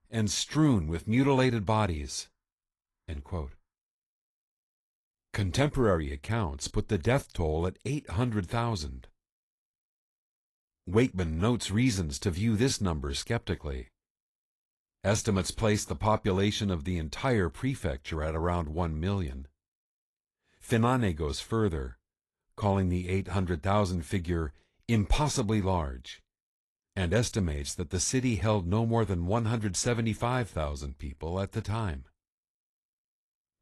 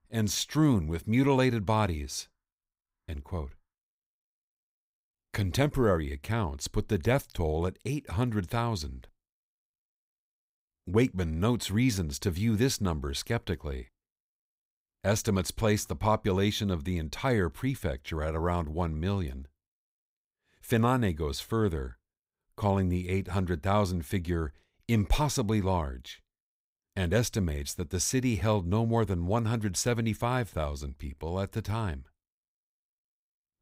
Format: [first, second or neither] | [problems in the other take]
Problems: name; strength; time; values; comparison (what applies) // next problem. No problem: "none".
second | garbled, watery; slightly; nothing above 11.5 kHz